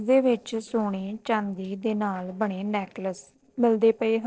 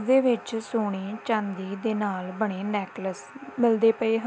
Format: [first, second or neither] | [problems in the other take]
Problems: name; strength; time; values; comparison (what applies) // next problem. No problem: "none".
second | noise reduction (neural separator model SepFormer DNS4)